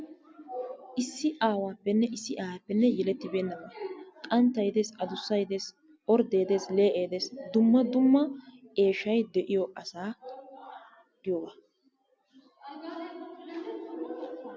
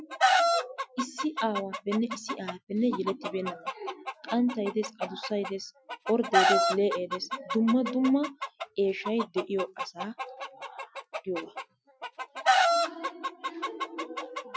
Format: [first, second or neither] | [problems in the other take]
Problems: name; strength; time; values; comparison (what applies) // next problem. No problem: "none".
first | noise reduction (classical method Wiener filter)